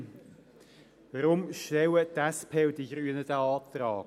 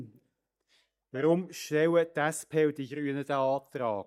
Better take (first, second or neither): first